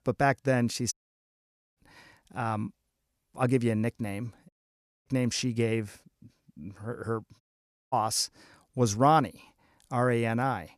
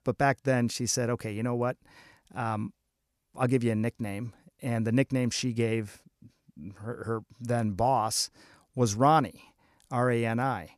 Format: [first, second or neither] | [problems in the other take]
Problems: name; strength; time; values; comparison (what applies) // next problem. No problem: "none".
second | audio cutting out; at 1 s for 1 s, at 4.5 s for 0.5 s and at 7.5 s for 0.5 s